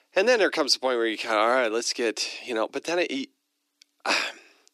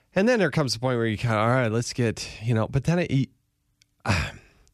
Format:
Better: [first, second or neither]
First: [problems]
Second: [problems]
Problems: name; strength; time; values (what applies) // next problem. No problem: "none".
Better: second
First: thin; very; fading below 300 Hz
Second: none